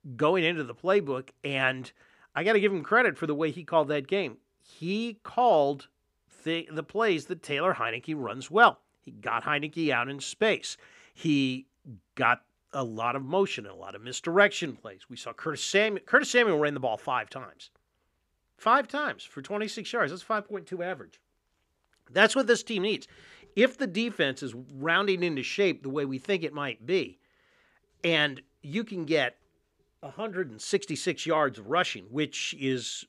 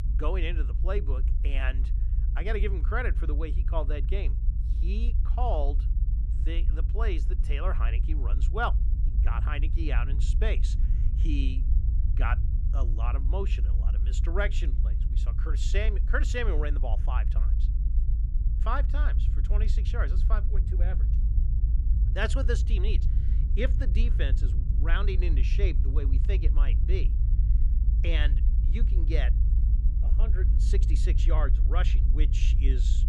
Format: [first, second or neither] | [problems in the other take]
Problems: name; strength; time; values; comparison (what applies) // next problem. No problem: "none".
first | low rumble; noticeable; throughout; 10 dB below the speech